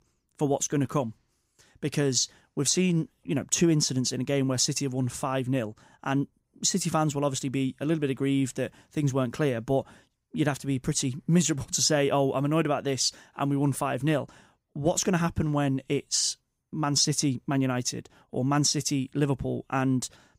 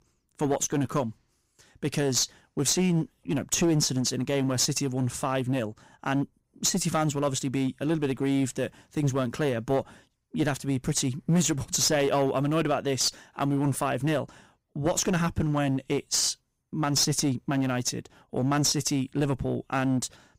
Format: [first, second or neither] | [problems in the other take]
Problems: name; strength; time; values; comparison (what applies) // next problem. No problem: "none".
first | distortion; slight; 7% of the sound clipped